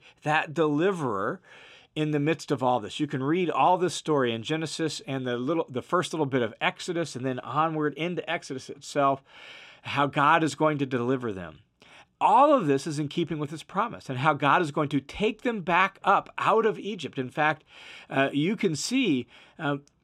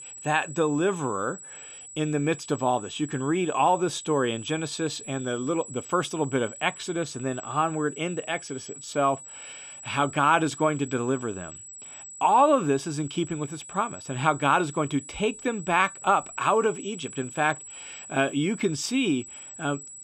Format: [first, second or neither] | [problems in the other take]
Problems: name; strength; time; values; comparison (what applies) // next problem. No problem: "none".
first | high-pitched whine; noticeable; throughout; 8 kHz, 15 dB below the speech